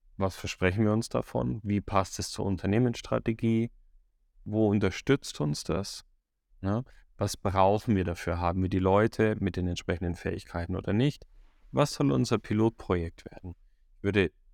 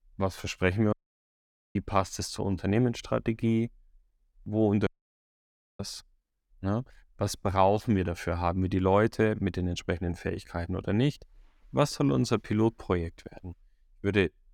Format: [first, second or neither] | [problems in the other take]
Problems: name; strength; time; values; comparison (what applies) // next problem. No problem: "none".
first | audio cutting out; at 1 s for 1 s and at 5 s for 1 s